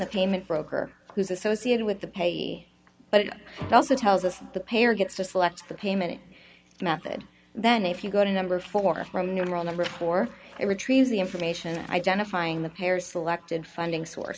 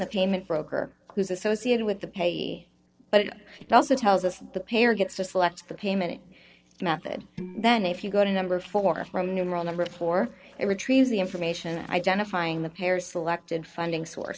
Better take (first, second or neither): first